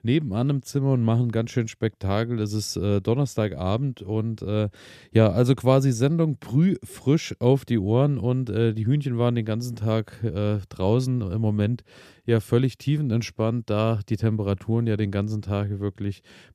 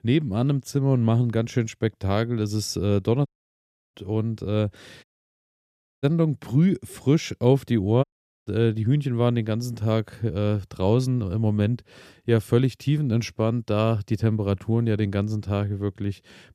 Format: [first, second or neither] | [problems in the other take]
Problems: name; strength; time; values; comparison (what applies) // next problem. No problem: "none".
first | audio cutting out; at 3.5 s for 0.5 s, at 5 s for 1 s and at 8 s